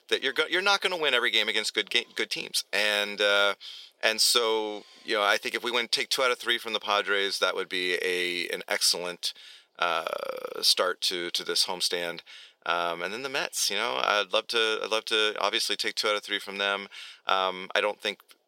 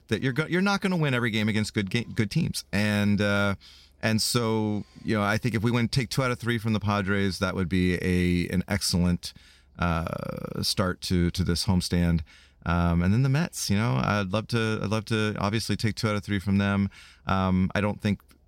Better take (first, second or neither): second